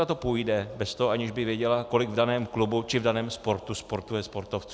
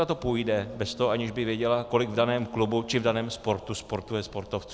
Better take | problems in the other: first | background sound (Telephone); 19 dB below the speech

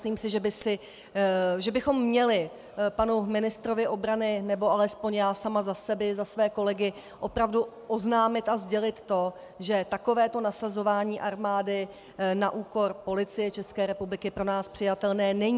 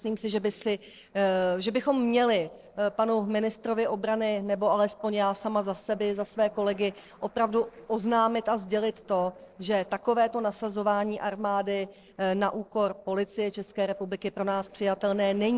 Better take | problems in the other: first | noise reduction (neural separator model SepFormer DNS4)

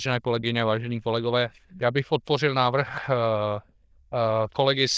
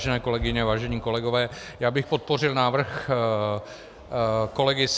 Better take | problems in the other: second | noise reduction (neural diffusion model UNIVERSE++)

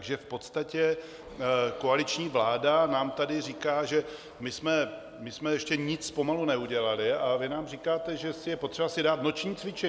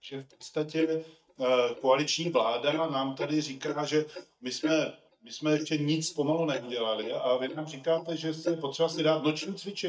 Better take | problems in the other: first | noise reduction (neural mask model DeepFilterNet 3)

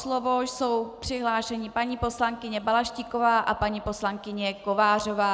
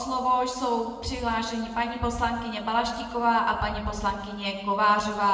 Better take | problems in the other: first | room echo; dies away in 1.1 s

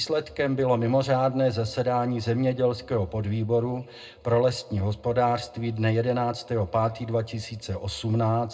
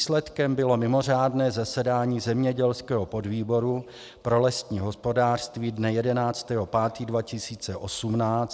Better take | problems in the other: second | room echo; dies away in 0.2 s

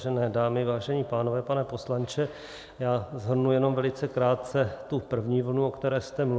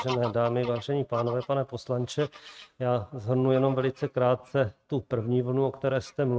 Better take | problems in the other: first | noise reduction (neural mask model RNNoise)

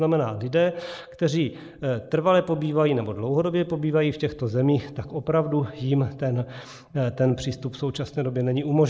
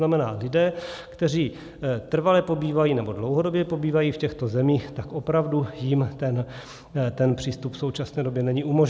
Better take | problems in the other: second | noise reduction (neural mask model Resemble Enhance denoiser)

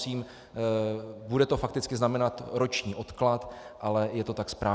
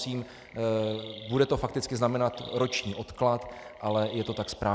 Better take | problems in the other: first | background sound (Chirp, tweet); 19 dB below the speech

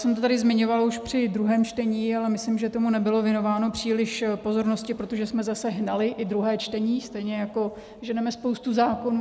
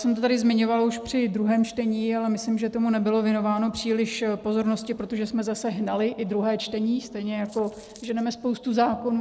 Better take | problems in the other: first | noise reduction (neural separator model SepFormer DNS4)

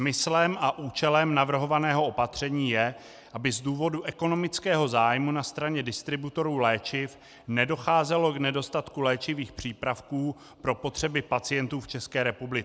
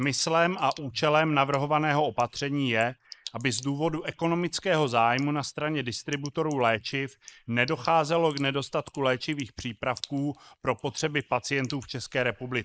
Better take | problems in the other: first | noise reduction (neural mask model Resemble Enhance denoiser)

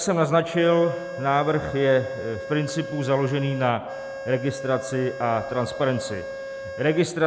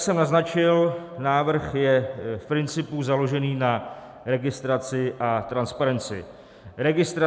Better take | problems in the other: second | background sound (Organ); 10 dB below the speech

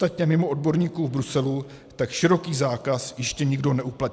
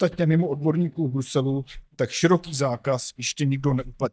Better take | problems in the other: first | noise reduction (neural mask model DeepFilterNet 3)

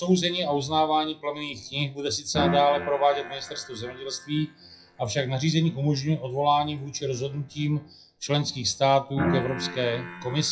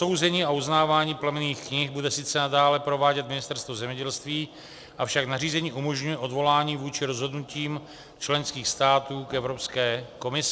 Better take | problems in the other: second | noise reduction (classical method WPE with log-MMSE)

